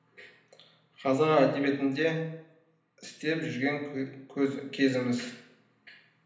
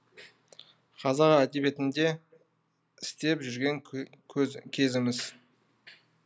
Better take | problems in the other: second | room echo; dies away in 0.8 s

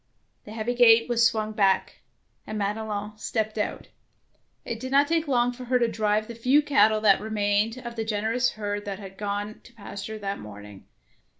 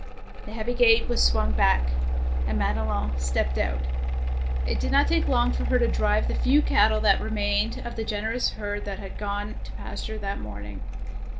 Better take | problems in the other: first | background sound (Mechanical fan); 2 dB above the speech

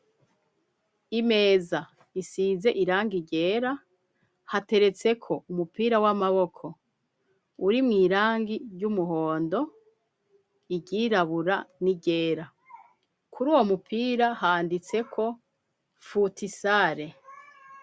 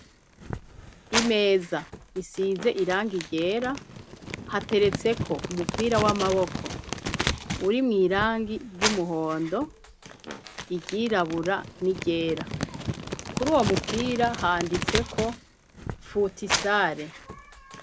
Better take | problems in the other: first | background sound (Crumpling, crinkling); 6 dB below the speech

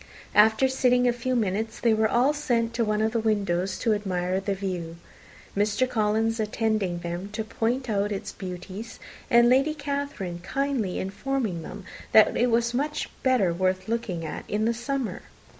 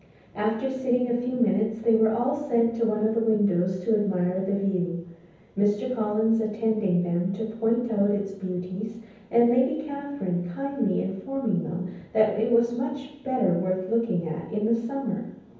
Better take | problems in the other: first | room echo; dies away in 0.9 s

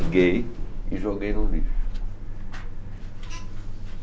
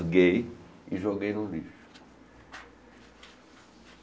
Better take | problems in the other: second | background sound (Alarm); 4 dB above the speech

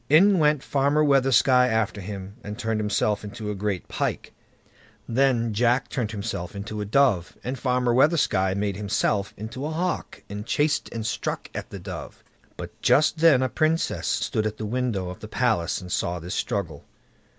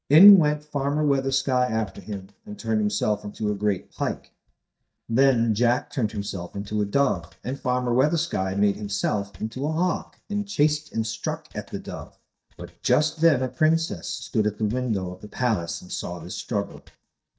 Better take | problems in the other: first | noise reduction (neural mask model DeepFilterNet 3)

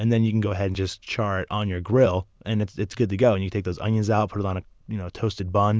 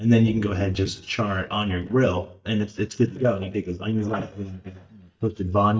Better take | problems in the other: first | noise reduction (neural mask model DeepFilterNet 3)

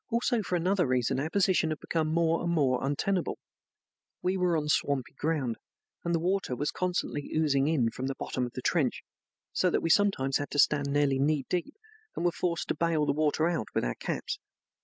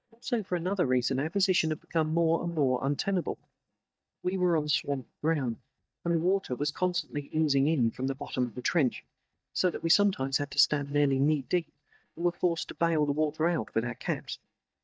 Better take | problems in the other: first | noise reduction (neural mask model DeepFilterNet 3)

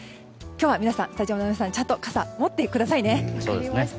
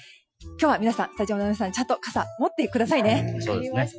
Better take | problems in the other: first | noise reduction (classical method Wiener filter)

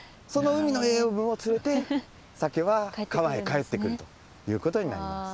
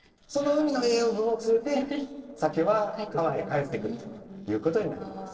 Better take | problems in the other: first | noise reduction (neural separator model SepFormer DNS4)

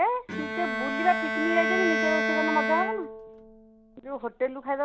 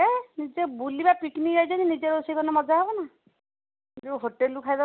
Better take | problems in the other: second | background sound (Bowed string instrument); 1 dB below the speech

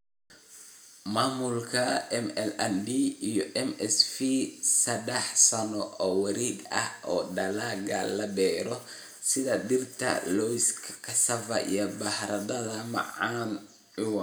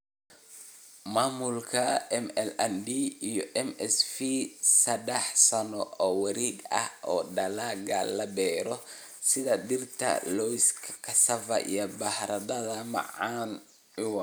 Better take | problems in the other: second | room echo; dies away in 0.6 s

